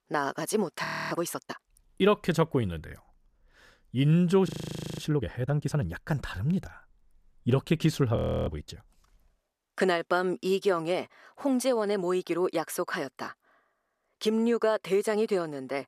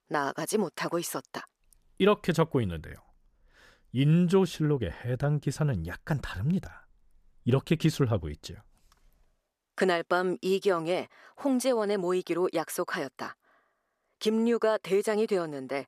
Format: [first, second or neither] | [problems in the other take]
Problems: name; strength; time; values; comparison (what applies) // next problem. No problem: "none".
second | audio freezing; at 1 s, at 4.5 s for 0.5 s and at 8 s